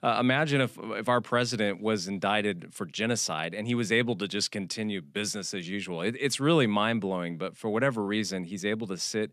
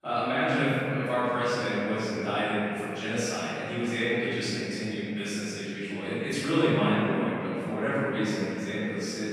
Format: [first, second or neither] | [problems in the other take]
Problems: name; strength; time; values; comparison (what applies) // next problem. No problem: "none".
first | off-mic speech; far // room echo; strong; dies away in 2.9 s